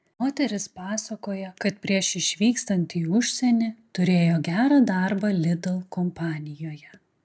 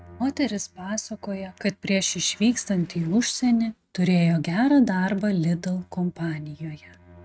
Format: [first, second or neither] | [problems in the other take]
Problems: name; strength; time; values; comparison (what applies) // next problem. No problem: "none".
first | noise reduction (neural mask model RNNoise)